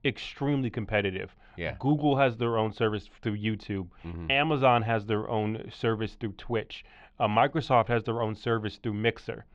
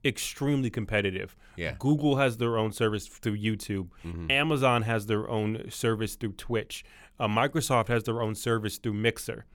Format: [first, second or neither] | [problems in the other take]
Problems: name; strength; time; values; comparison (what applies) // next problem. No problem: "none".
second | muffled; slightly; fading above 4 kHz